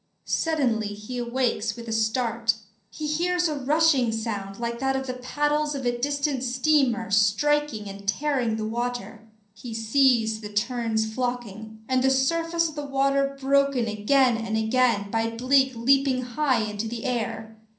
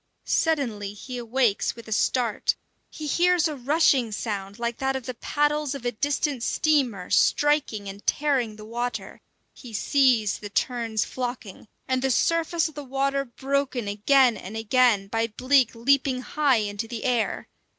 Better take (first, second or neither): second